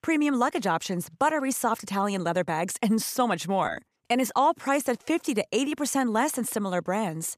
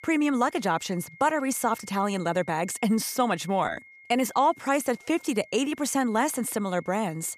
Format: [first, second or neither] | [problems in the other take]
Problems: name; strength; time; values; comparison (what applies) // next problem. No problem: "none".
first | high-pitched whine; faint; throughout; 2 kHz, 20 dB below the speech